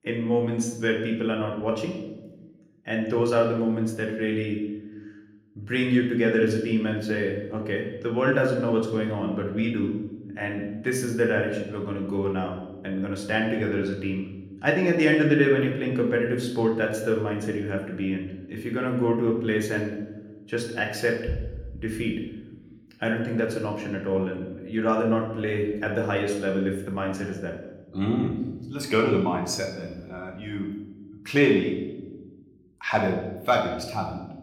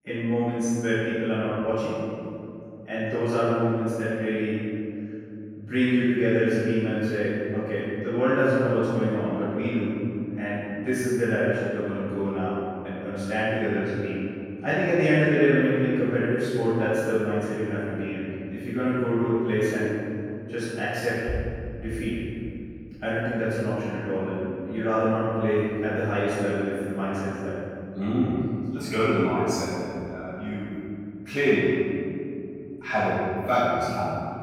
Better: first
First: room echo; slight; dies away in 0.9 s // off-mic speech; somewhat distant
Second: room echo; strong; dies away in 2.8 s // off-mic speech; far

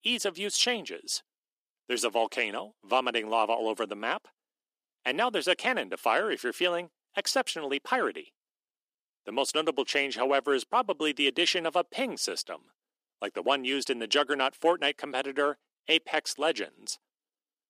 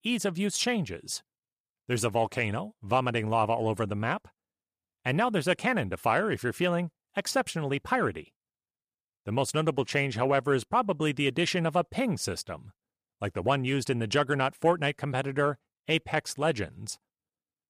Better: second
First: thin; somewhat; fading below 250 Hz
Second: none

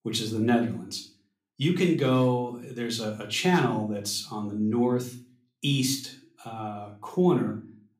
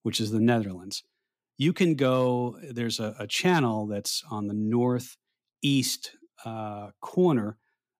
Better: second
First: room echo; slight; dies away in 0.4 s // off-mic speech; somewhat distant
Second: none

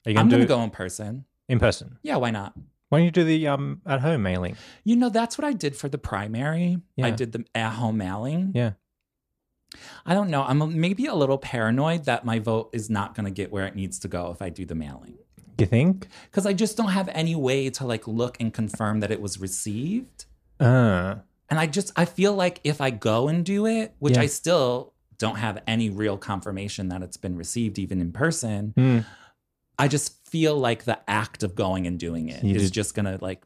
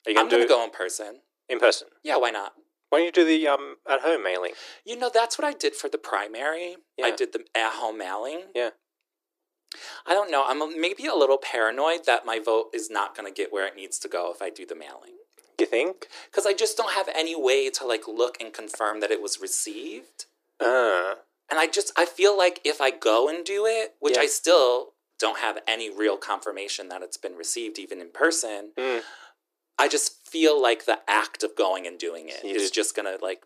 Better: first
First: none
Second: thin; very; fading below 300 Hz

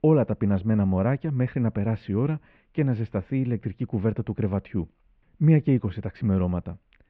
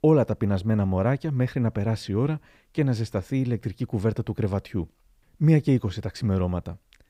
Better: second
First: muffled; very; fading above 2.5 kHz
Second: none

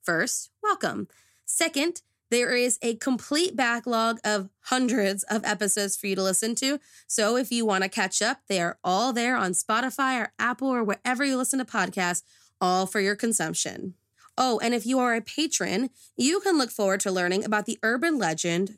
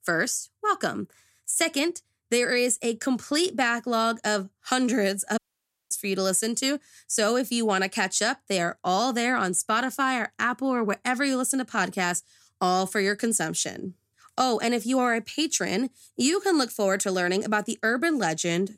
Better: first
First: none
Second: audio cutting out; at 5.5 s for 0.5 s

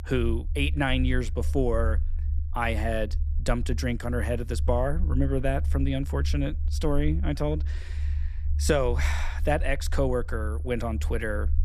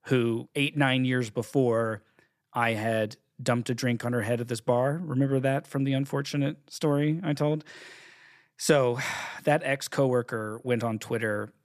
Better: second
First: low rumble; noticeable; throughout; 20 dB below the speech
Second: none

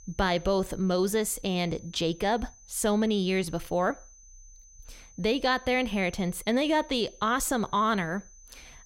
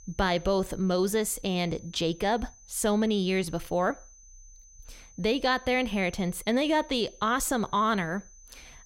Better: neither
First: high-pitched whine; faint; throughout; 6 kHz, 25 dB below the speech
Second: high-pitched whine; faint; throughout; 6 kHz, 25 dB below the speech

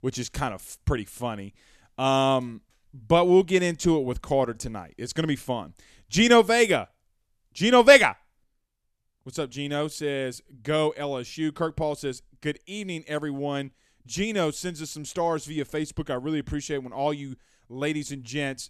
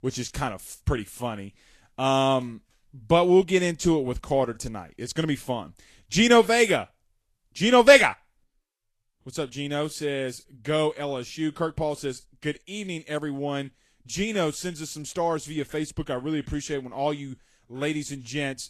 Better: first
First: none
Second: garbled, watery; slightly; nothing above 13.5 kHz

